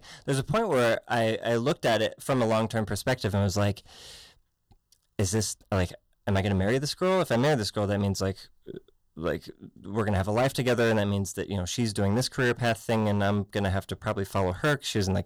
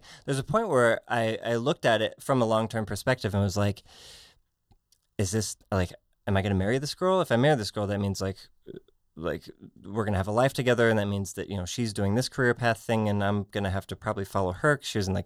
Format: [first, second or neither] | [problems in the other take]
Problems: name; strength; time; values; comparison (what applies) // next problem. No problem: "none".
second | distortion; slight; 9% of the sound clipped